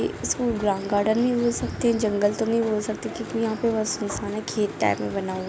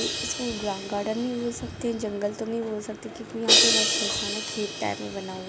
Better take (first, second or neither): first